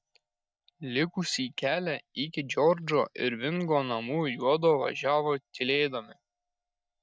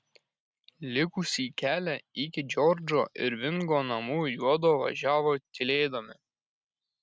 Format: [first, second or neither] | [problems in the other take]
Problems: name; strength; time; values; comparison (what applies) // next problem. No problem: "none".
second | noise reduction (neural mask model DeepFilterNet 3)